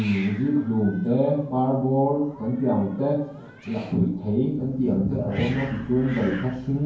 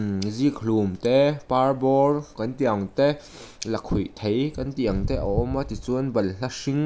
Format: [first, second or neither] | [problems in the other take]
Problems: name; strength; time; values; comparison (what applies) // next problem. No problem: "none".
second | background sound (Hiss); 19 dB below the speech // room echo; dies away in 0.9 s